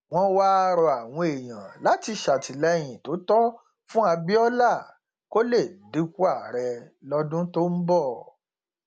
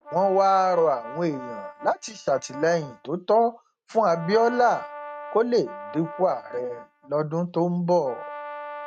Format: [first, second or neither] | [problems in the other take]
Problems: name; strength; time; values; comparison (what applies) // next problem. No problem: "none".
first | noise reduction (neural mask model RNNoise)